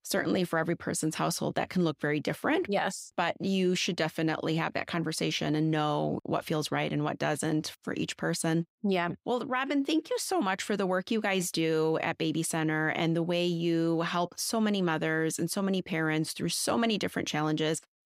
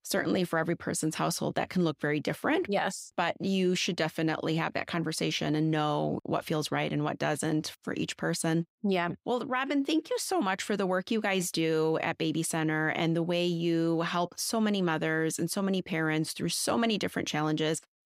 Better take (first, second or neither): neither